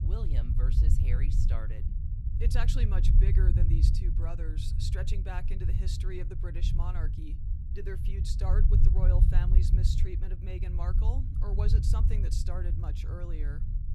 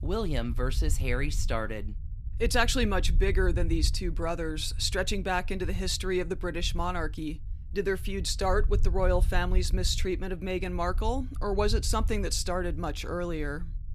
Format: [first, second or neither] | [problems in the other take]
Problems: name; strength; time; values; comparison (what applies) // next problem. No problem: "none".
second | low rumble; loud; throughout; 2 dB below the speech; faint in the second